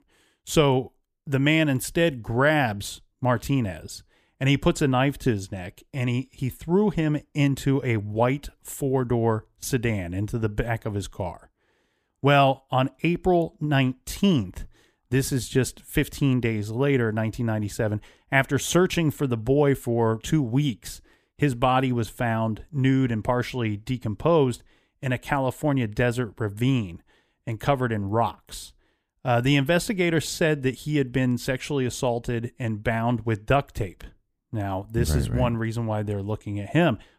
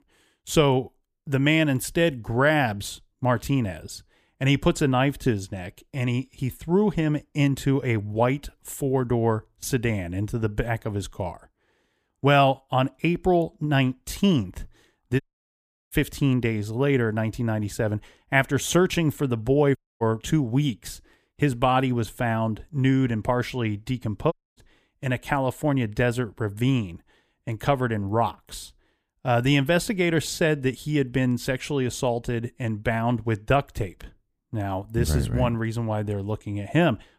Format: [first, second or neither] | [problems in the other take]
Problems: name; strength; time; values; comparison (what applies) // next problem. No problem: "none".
first | audio cutting out; at 15 s for 0.5 s, at 20 s and at 24 s